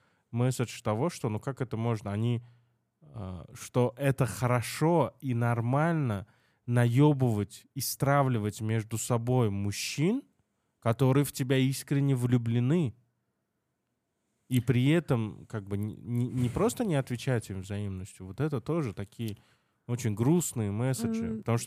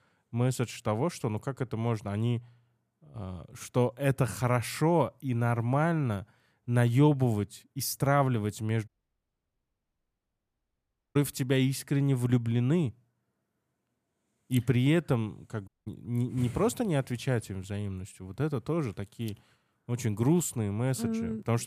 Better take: first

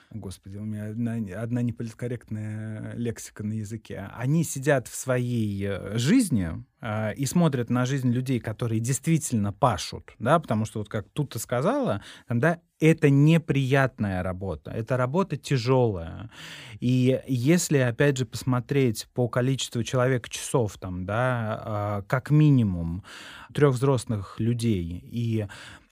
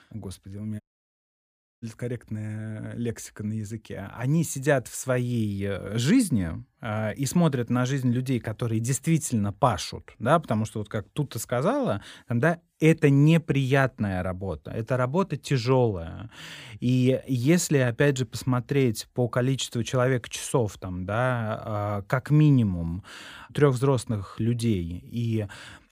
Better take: first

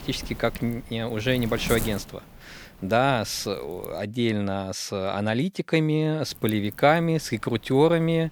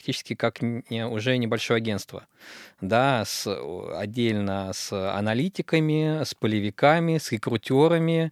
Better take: second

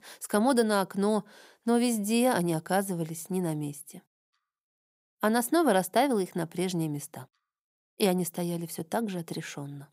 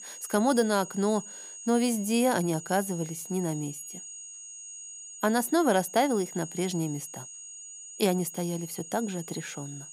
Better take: first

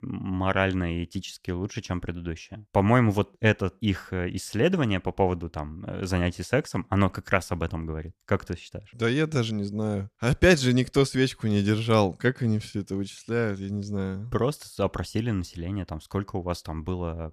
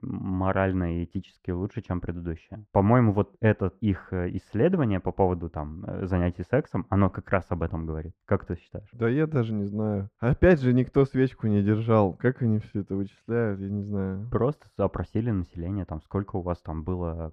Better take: first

